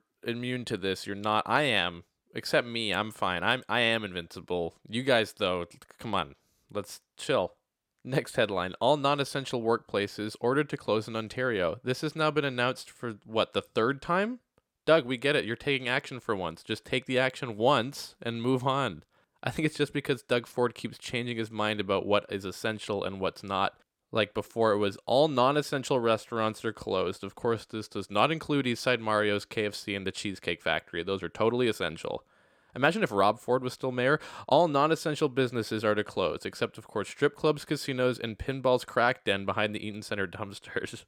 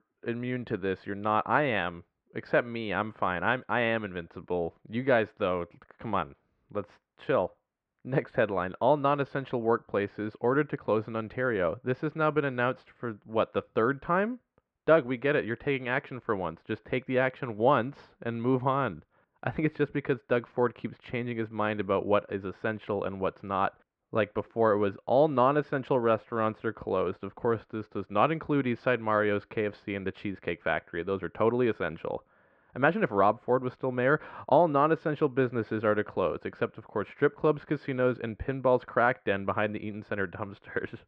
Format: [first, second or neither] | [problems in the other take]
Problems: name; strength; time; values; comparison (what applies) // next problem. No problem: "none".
first | muffled; very; fading above 2 kHz